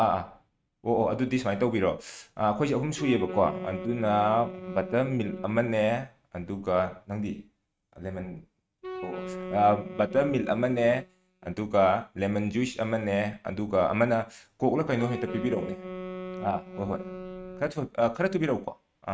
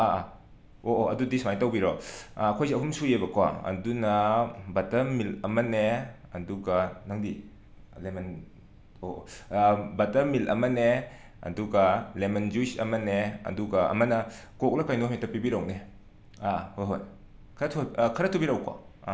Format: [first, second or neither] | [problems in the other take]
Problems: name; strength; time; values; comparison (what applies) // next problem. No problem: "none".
second | noise reduction (neural mask model RNNoise)